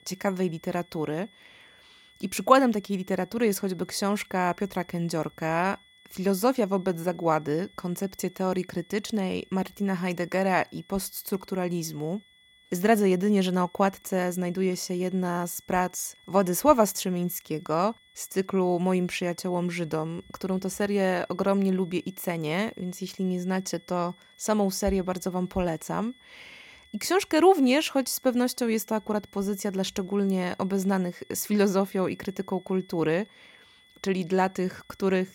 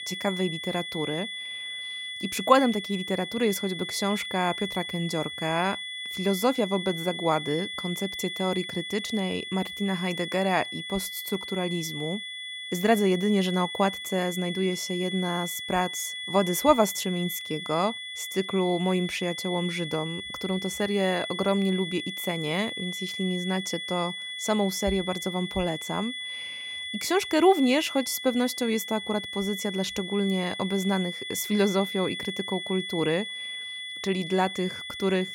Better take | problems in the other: first | high-pitched whine; loud; throughout; 3.5 kHz, 6 dB below the speech; faint in the first

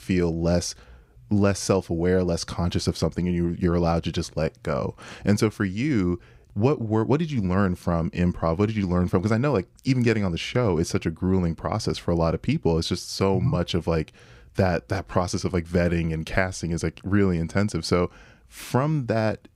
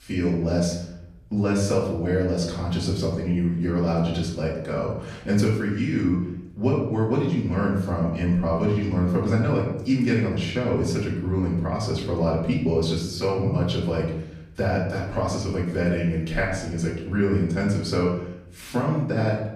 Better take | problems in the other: first | off-mic speech; far // room echo; noticeable; dies away in 0.7 s

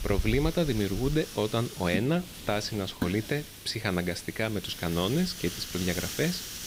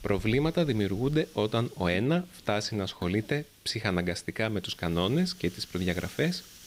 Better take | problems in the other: second | hiss; loud; throughout; 8 dB below the speech; faint in the second

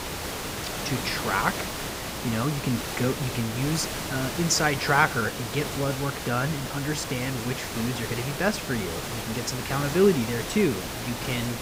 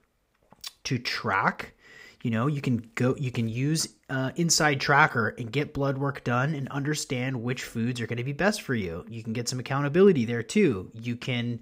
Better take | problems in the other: second | hiss; loud; throughout; 5 dB below the speech

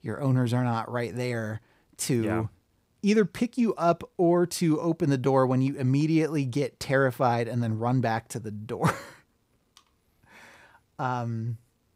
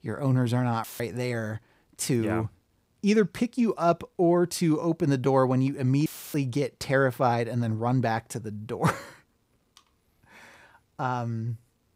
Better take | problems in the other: first | audio cutting out; filled with static; at 1 s and at 6 s

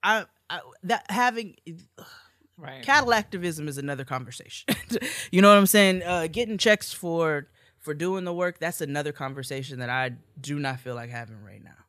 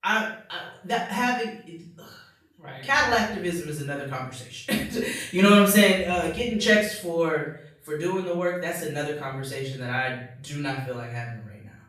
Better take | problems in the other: first | off-mic speech; far // room echo; noticeable; dies away in 0.5 s

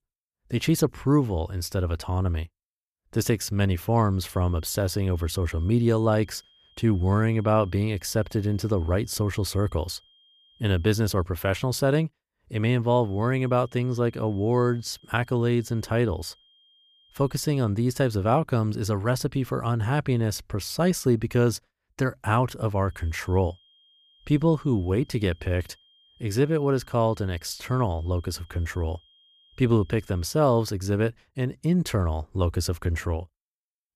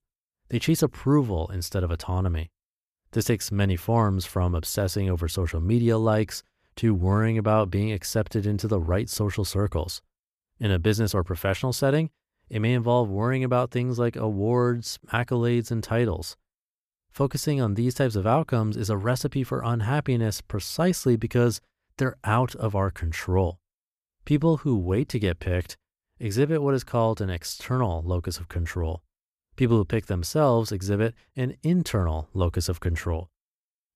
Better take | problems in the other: second | high-pitched whine; faint; from 4 to 11 s, from 13 to 18 s and from 23 to 31 s; 3 kHz, 30 dB below the speech

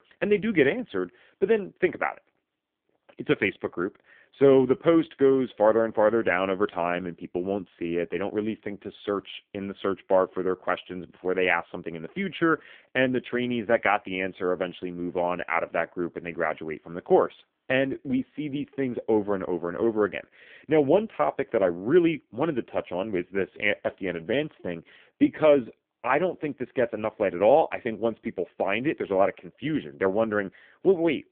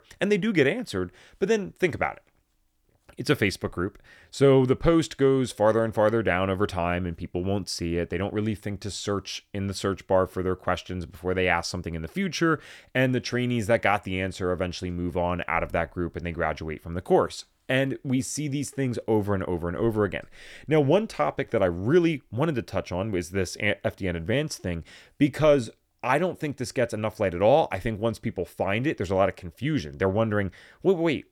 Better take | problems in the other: second | phone-call audio; poor line

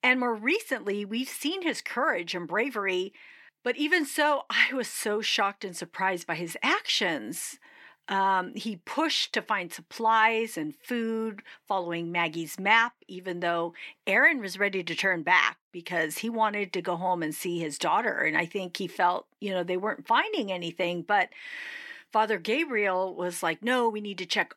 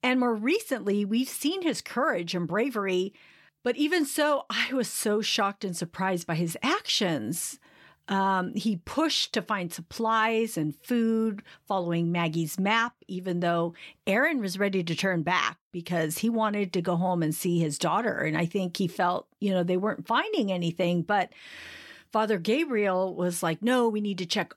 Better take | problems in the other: second | thin; somewhat; fading below 300 Hz

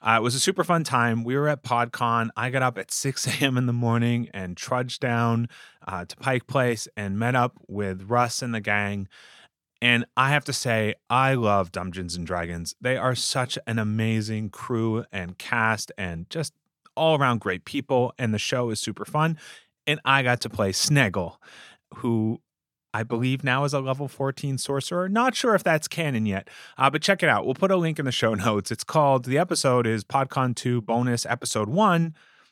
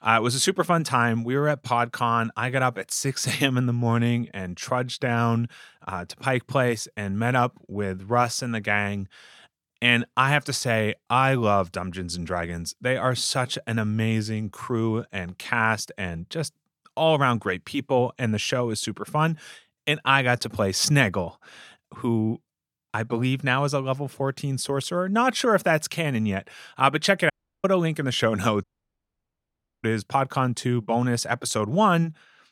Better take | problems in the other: first | audio cutting out; at 27 s and at 29 s for 1 s

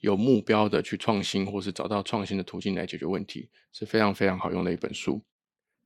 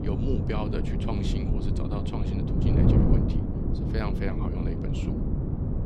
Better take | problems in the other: first | wind noise on the microphone; heavy; 2 dB above the speech

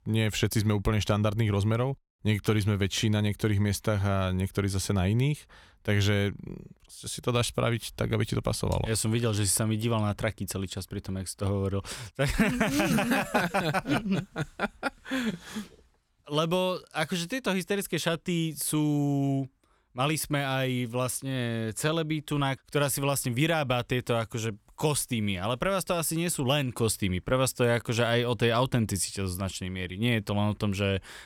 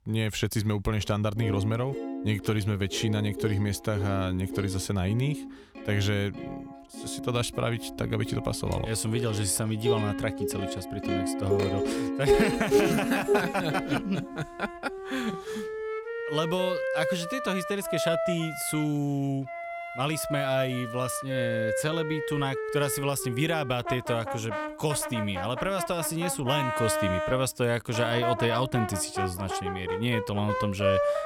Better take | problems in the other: first | background music; loud; throughout; 3 dB below the speech

